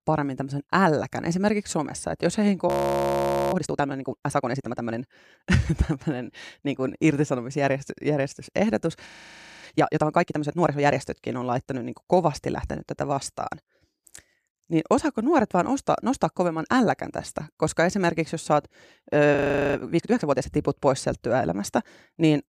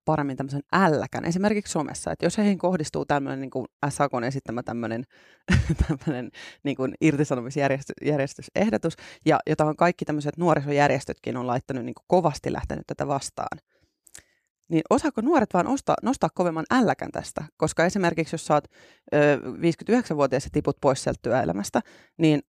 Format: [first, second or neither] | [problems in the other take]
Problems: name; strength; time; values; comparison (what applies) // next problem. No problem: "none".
second | audio freezing; at 2.5 s for 1 s, at 9 s for 0.5 s and at 19 s